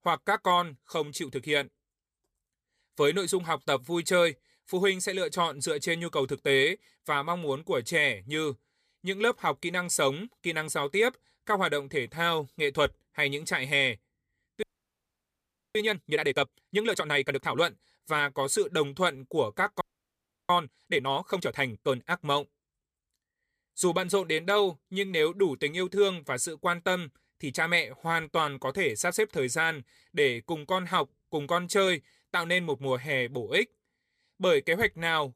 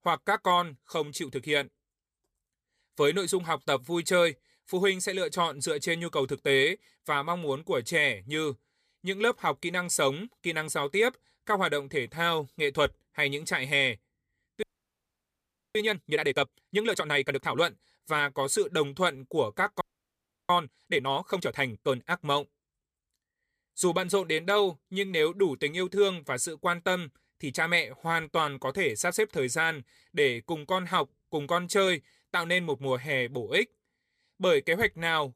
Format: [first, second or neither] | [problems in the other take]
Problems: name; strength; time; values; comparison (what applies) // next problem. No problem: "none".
neither | audio freezing; at 15 s for 1 s and at 20 s for 0.5 s; the same in both